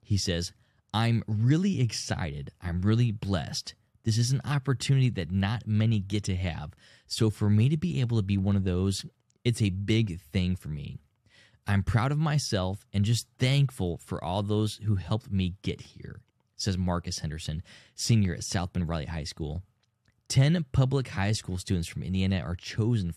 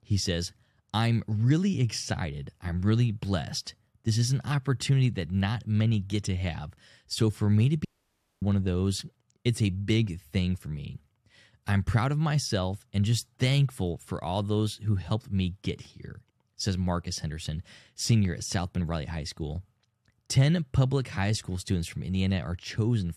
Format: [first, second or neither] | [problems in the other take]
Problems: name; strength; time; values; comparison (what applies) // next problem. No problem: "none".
first | audio cutting out; at 8 s for 0.5 s